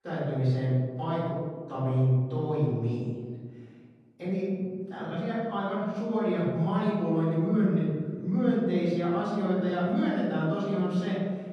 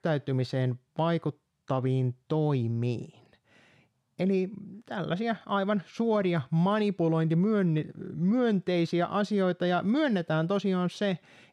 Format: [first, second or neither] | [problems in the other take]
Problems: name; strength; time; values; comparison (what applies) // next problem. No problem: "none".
second | off-mic speech; far // room echo; strong; dies away in 1.7 s